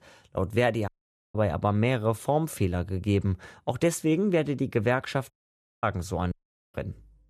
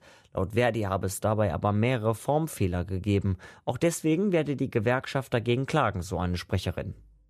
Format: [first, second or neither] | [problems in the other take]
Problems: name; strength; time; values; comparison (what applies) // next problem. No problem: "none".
second | audio cutting out; at 1 s, at 5.5 s for 0.5 s and at 6.5 s